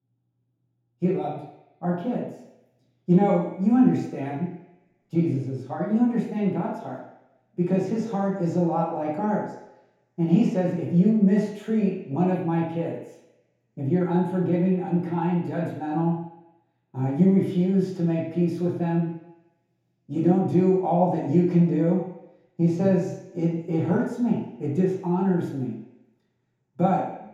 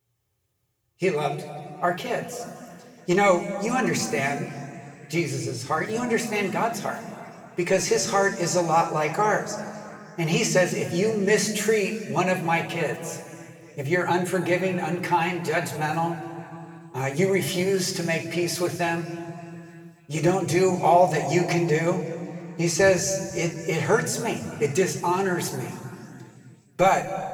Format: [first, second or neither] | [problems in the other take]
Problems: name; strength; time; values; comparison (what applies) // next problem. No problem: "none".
second | room echo; strong; dies away in 0.8 s; slight in the second // off-mic speech; far; somewhat distant in the second